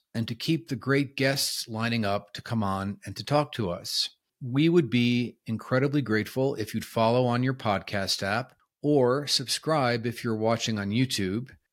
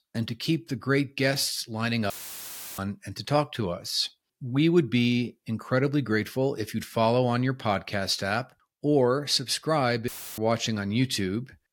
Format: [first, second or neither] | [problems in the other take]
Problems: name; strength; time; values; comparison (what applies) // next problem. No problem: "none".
first | audio cutting out; filled with static; at 2 s for 0.5 s and at 10 s